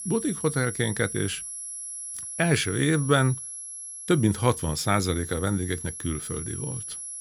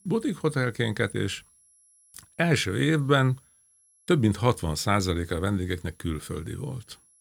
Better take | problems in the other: second | high-pitched whine; loud; throughout; 11 kHz, 8 dB below the speech; faint in the second

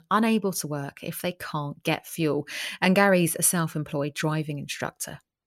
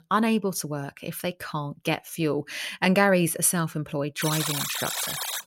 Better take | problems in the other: first | alarm; noticeable; from 4 s on; peak 1 dB below the speech

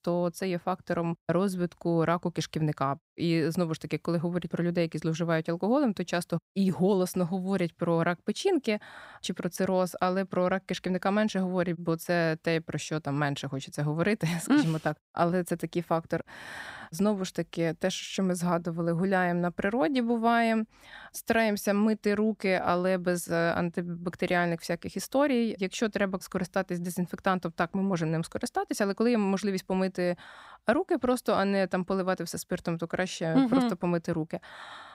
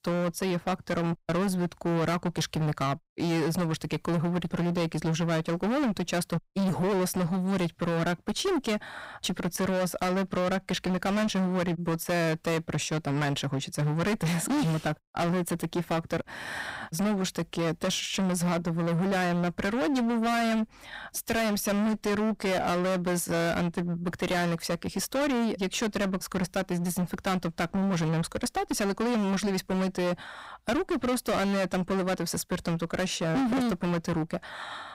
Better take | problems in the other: first | distortion; heavy; 27% of the sound clipped

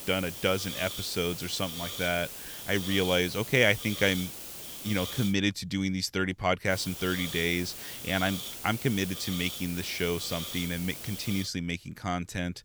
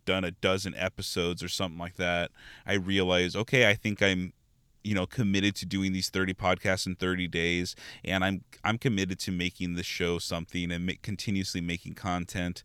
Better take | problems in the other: second | hiss; loud; until 5.5 s and from 6.5 to 11 s; 8 dB below the speech

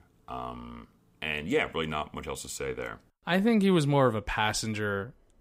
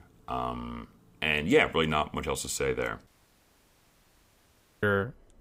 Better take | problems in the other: first | audio cutting out; at 3 s for 2 s

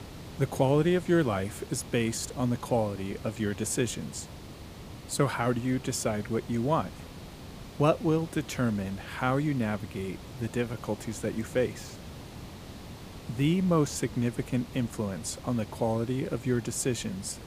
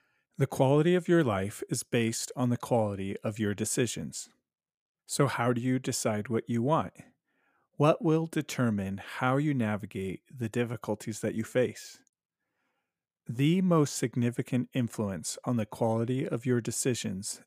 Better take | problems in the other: second | hiss; noticeable; throughout; 15 dB below the speech

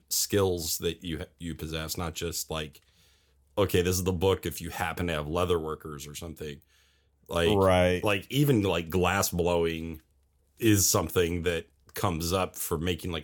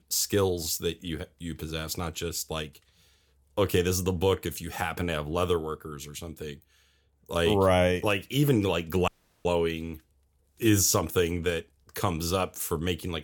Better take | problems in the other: first | audio cutting out; at 9 s

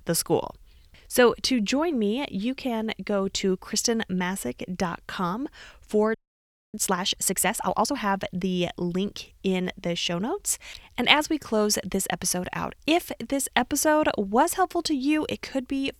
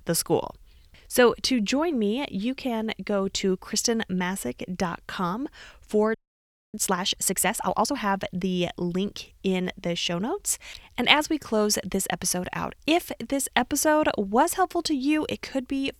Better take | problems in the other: neither | audio freezing; at 6 s for 0.5 s; the same in both

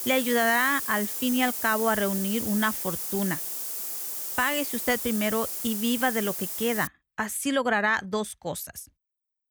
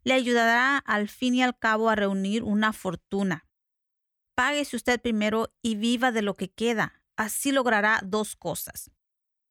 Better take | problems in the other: second | hiss; loud; until 7 s; 2 dB below the speech

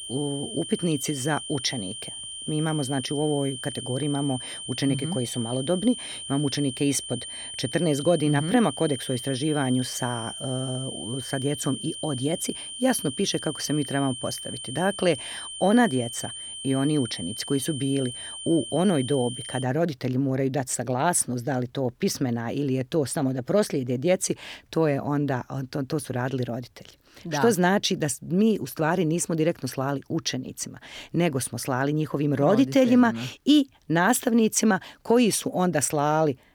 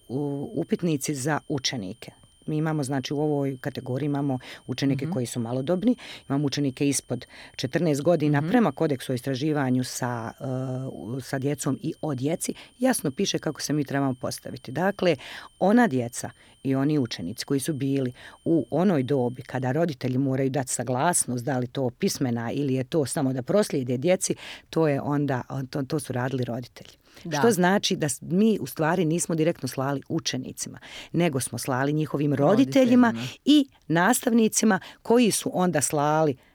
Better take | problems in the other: second | high-pitched whine; loud; until 20 s; 3 kHz, 9 dB below the speech; faint in the second

